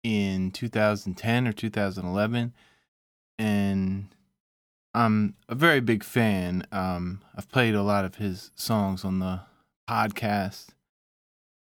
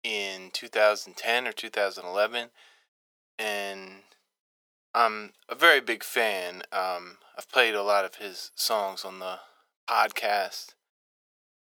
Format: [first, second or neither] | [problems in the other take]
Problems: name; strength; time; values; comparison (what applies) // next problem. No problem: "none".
first | thin; very; fading below 500 Hz